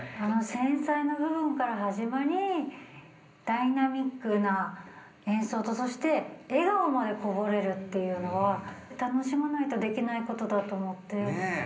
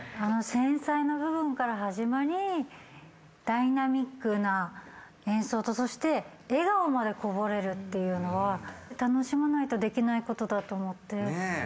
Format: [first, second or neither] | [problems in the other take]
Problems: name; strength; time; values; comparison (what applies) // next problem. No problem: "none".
second | room echo; dies away in 0.5 s